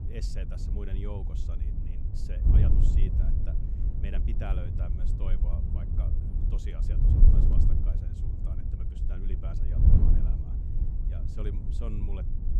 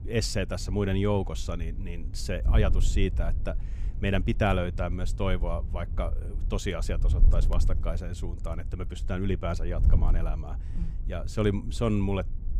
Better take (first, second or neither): second